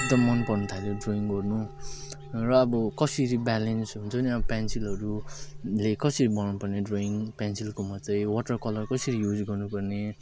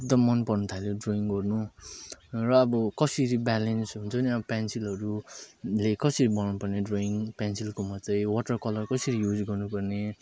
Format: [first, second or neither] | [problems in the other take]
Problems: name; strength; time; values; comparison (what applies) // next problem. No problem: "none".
second | background sound (Dog + Bell); 9 dB below the speech